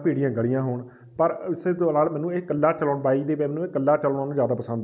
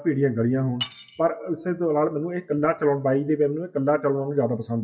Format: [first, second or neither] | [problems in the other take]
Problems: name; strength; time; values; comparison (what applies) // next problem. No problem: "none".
first | noise reduction (classical method WPE with log-MMSE)